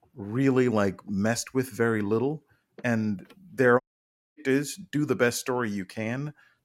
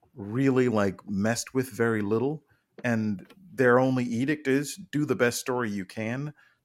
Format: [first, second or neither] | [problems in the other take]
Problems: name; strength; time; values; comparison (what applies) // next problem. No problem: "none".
second | audio cutting out; at 4 s for 0.5 s